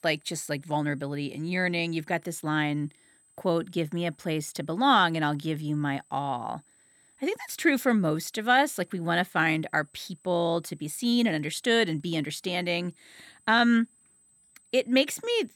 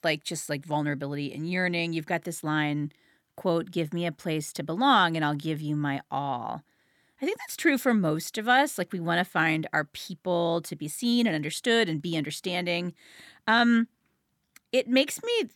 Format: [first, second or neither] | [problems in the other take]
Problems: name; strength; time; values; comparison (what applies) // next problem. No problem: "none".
second | high-pitched whine; faint; throughout; 8 kHz, 35 dB below the speech